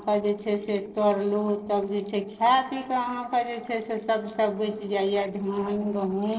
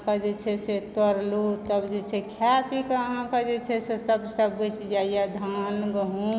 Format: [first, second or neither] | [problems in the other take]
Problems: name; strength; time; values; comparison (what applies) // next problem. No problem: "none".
second | noise reduction (neural separator model SepFormer DNS4)